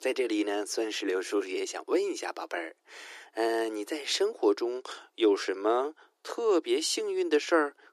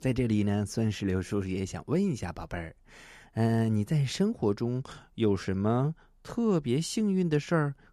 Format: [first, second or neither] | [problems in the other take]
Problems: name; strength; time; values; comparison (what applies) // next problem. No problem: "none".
second | thin; very; fading below 300 Hz